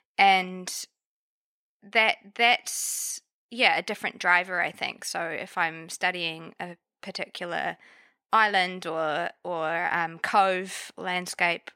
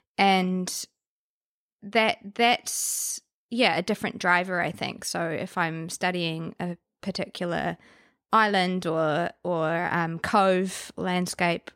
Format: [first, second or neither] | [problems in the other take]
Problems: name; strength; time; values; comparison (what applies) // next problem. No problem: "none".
second | thin; somewhat; fading below 950 Hz